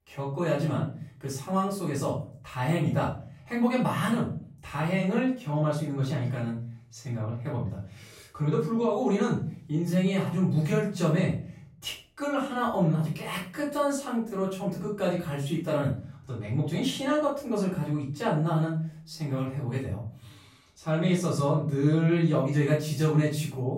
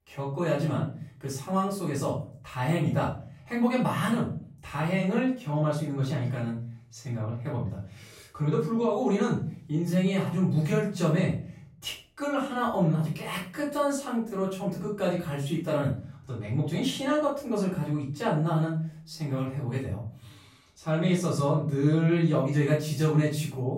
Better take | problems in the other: neither | room echo; noticeable; dies away in 0.5 s; the same in both // off-mic speech; far; the same in both

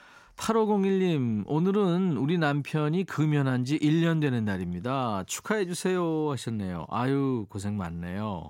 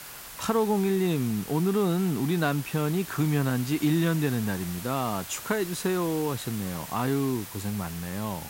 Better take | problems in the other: first | hiss; noticeable; throughout; 10 dB below the speech

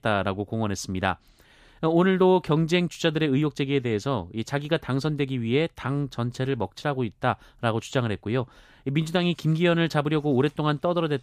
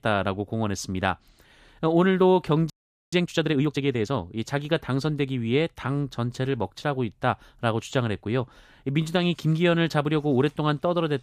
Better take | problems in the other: first | audio freezing; at 2.5 s

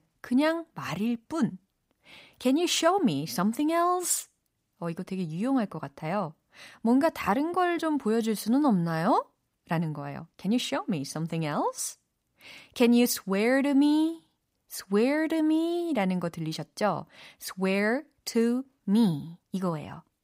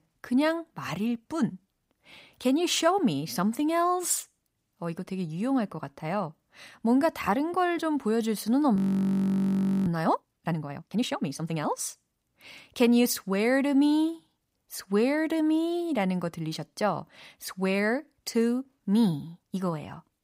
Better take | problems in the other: first | audio freezing; at 9 s for 1 s

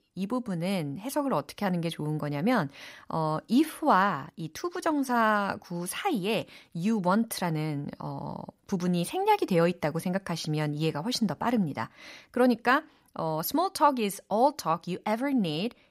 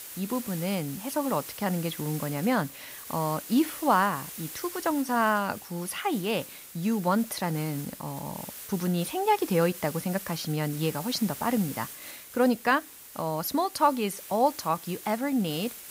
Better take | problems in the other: first | hiss; noticeable; throughout; 10 dB below the speech

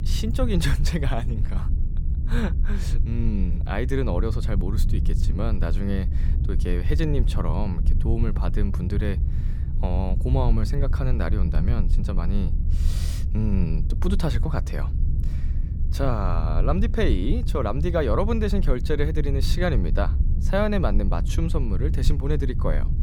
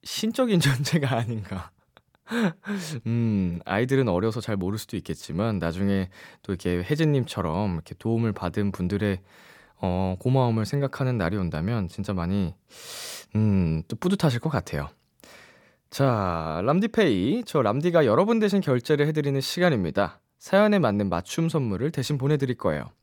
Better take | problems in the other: second | low rumble; noticeable; throughout; 10 dB below the speech

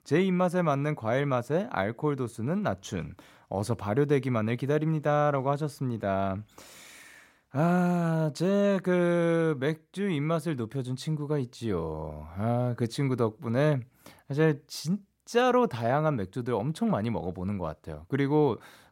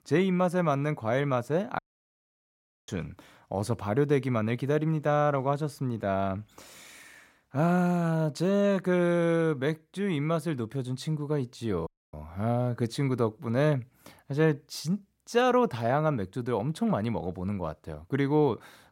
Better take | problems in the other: first | audio cutting out; at 2 s for 1 s and at 12 s

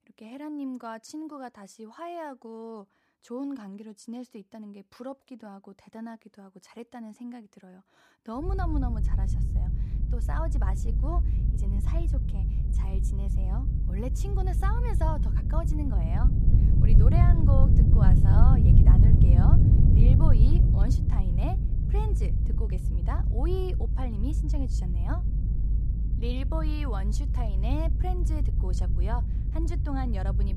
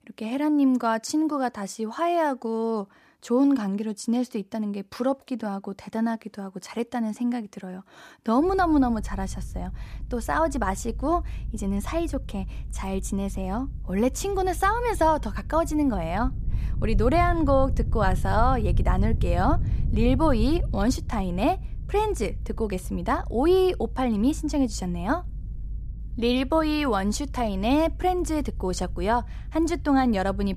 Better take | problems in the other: second | low rumble; loud; from 8.5 s on; 1 dB below the speech; faint in the second

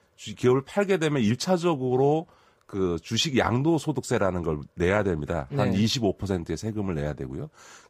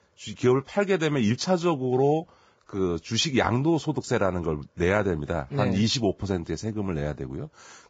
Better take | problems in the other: first | garbled, watery; badly; nothing above 7.5 kHz; slightly in the first

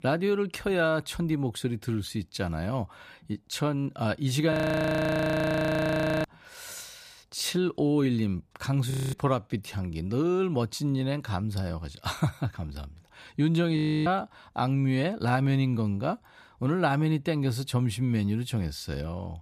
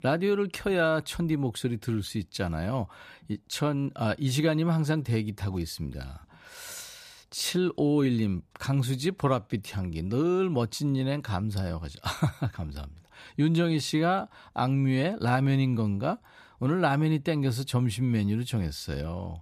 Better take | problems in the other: second | audio freezing; at 4.5 s for 1.5 s, at 9 s and at 14 s

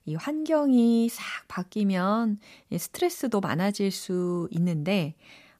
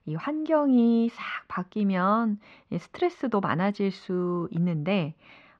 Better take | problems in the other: first | muffled; slightly; fading above 3 kHz

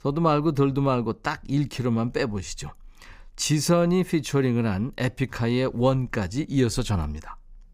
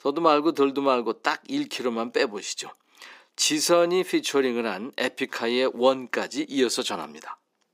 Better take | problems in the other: first | thin; somewhat; fading below 300 Hz

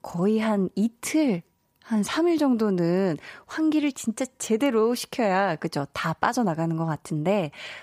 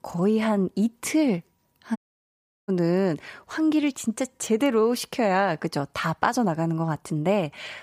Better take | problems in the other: first | audio cutting out; at 2 s for 0.5 s

